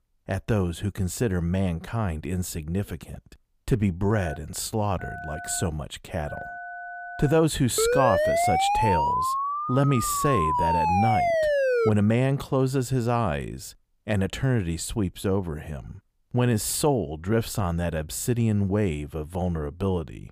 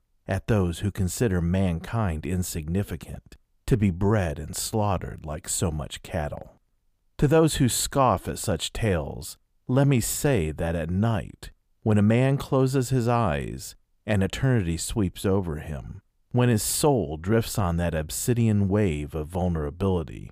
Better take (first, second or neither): second